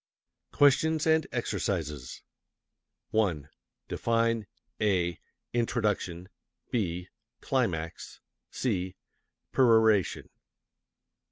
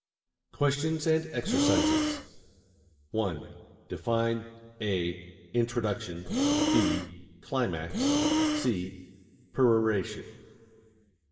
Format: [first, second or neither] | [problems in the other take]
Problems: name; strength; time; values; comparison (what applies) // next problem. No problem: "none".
first | background sound (Breathing); 3 dB above the speech // room echo; dies away in 2.4 s